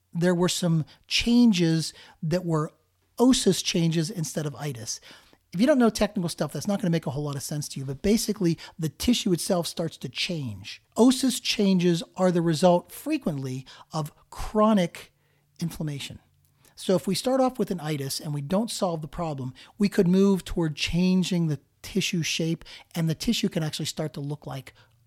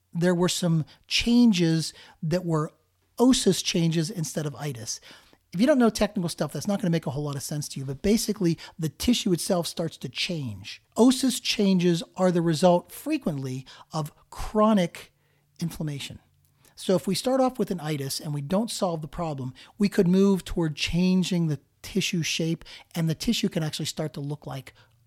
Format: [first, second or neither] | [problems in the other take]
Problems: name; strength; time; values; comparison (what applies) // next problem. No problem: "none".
neither | none